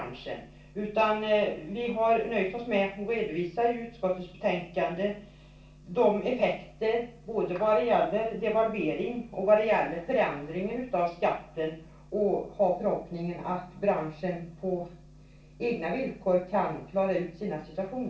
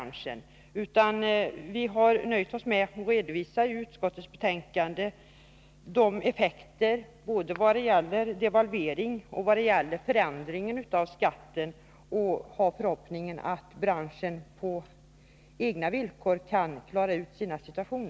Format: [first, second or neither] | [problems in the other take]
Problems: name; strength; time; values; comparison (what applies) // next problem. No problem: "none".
second | room echo; dies away in 0.4 s